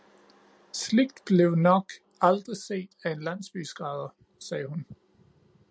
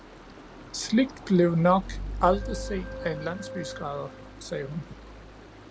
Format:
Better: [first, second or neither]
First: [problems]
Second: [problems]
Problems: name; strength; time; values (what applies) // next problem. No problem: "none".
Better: first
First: none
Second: background sound (Stream + Keyboard (musical)); 11 dB below the speech